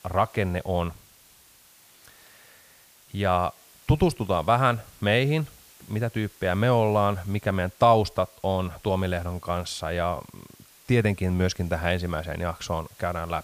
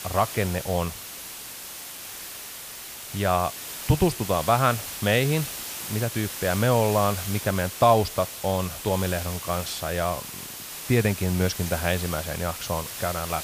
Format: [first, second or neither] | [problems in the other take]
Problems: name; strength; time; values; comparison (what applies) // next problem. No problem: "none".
first | hiss; loud; throughout; 8 dB below the speech; faint in the first